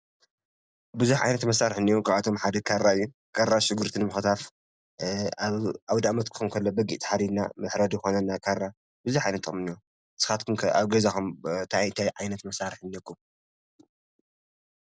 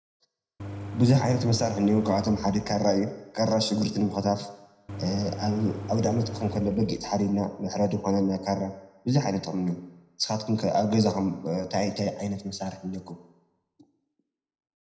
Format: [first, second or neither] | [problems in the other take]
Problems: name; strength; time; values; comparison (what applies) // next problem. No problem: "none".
first | background sound (Engine); 11 dB below the speech // room echo; dies away in 0.7 s